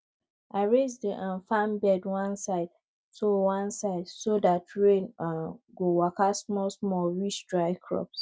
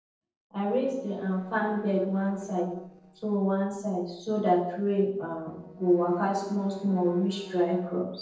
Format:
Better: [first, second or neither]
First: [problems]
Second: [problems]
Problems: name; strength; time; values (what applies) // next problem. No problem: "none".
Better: first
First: none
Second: noise reduction (neural separator model SepFormer DNS4)